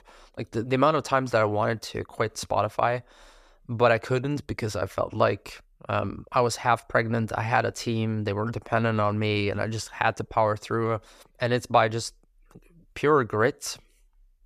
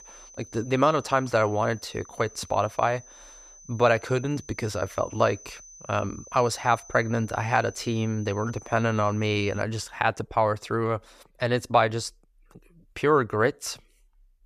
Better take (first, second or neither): first